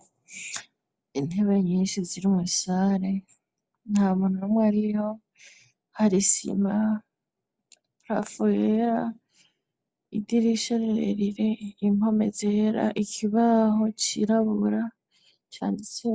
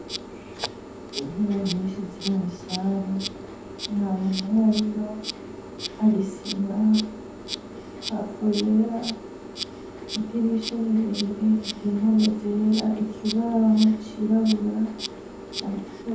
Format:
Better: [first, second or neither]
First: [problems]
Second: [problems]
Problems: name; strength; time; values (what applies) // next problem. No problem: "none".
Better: first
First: none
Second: background sound (Insect); 11 dB below the speech // room echo; dies away in 0.6 s